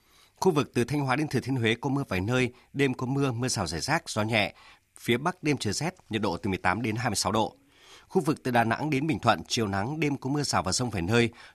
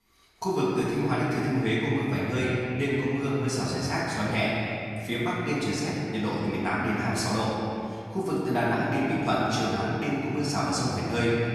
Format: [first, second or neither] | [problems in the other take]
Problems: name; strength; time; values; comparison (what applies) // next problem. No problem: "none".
first | off-mic speech; far // room echo; strong; dies away in 2.3 s